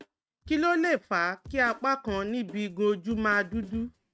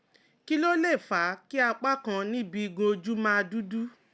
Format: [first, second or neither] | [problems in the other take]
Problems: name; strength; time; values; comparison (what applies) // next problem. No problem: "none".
second | noise reduction (neural mask model RNNoise)